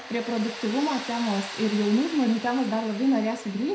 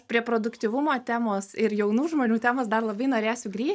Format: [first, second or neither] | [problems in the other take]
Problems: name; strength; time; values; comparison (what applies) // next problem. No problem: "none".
second | background sound (Tools); 13 dB below the speech // room echo; dies away in 0.5 s